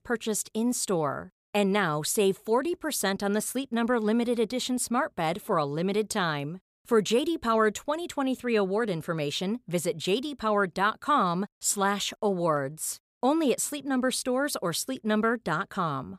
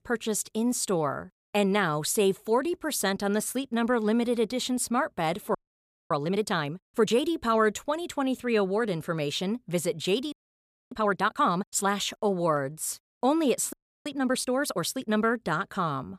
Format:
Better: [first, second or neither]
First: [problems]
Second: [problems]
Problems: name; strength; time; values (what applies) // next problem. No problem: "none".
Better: first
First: none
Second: audio freezing; at 5.5 s for 0.5 s, at 10 s for 0.5 s and at 14 s